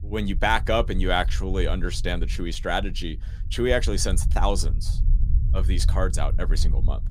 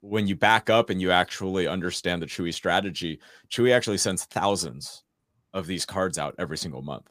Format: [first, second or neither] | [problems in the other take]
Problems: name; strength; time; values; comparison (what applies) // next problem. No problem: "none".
second | low rumble; noticeable; throughout; 20 dB below the speech